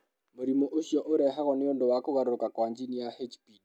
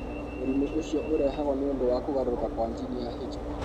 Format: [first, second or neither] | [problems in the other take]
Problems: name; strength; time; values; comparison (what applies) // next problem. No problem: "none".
first | background sound (Alarm / Engine / Train); 5 dB below the speech